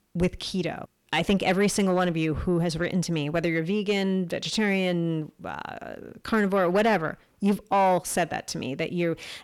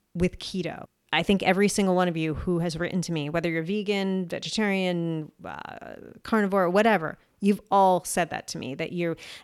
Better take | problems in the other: second | distortion; slight; 10 dB below the speech

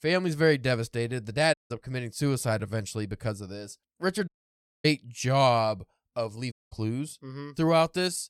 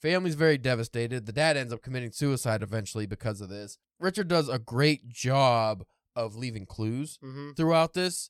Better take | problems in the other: second | audio cutting out; at 1.5 s, at 4.5 s for 0.5 s and at 6.5 s

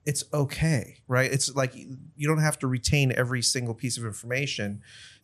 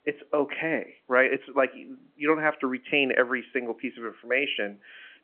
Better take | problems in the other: first | phone-call audio; nothing above 3 kHz

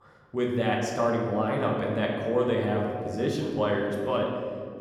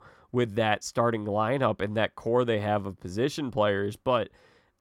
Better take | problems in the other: second | room echo; noticeable; dies away in 2 s // off-mic speech; somewhat distant

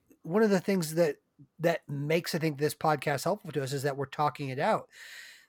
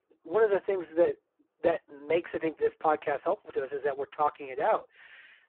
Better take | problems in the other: first | phone-call audio; poor line

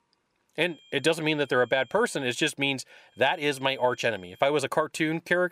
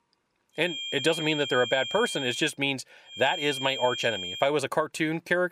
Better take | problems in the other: first | high-pitched whine; loud; from 0.5 to 2.5 s and from 3 to 4.5 s; 3 kHz, 6 dB below the speech; faint in the first

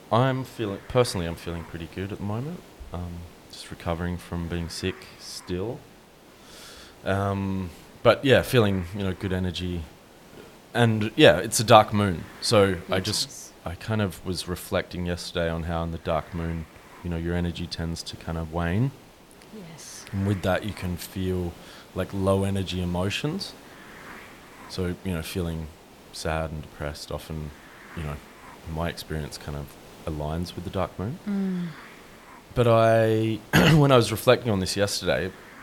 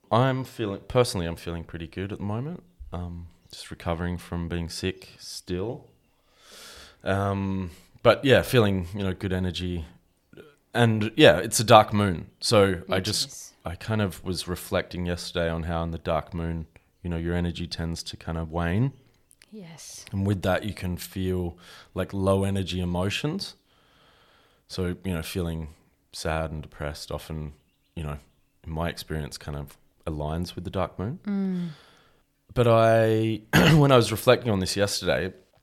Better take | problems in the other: second | hiss; faint; throughout; 20 dB below the speech

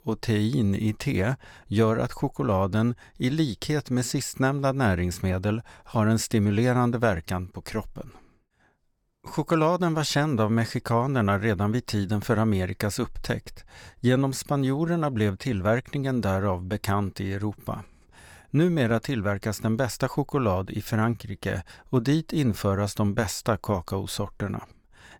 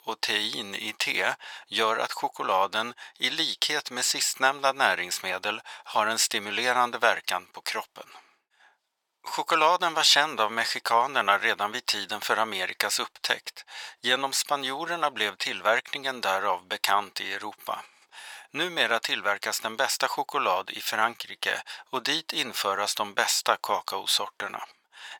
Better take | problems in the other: first | thin; very; fading below 850 Hz

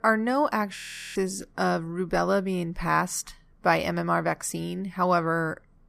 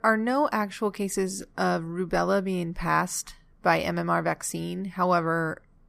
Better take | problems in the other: second | audio freezing; at 1 s

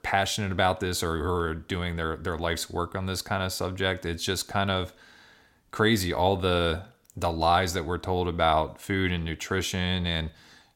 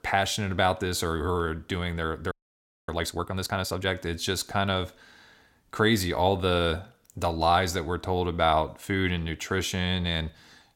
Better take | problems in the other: first | audio freezing; at 2.5 s for 0.5 s

